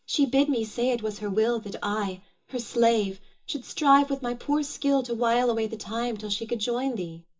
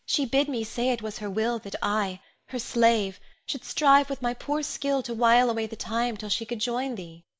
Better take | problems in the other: second | room echo; dies away in 0.2 s

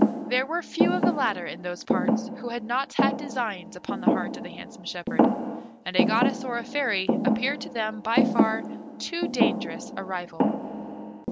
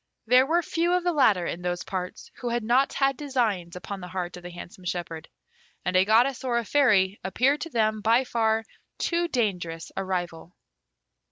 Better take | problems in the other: second | background sound (Thump, thud); 4 dB above the speech

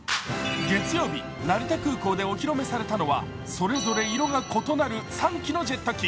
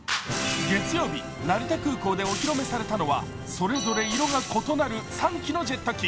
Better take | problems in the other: first | background sound (Frying (food)); 12 dB below the speech

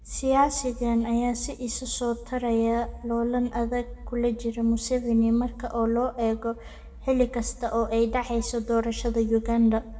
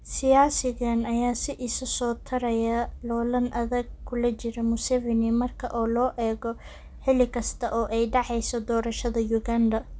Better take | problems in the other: second | room echo; dies away in 1 s

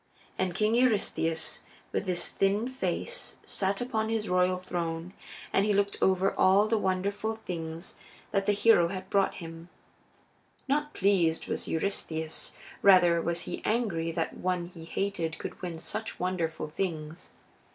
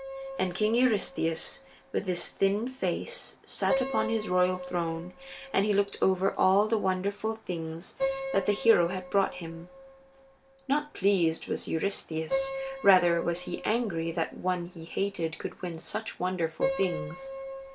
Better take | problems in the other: first | background sound (Piano); 10 dB below the speech

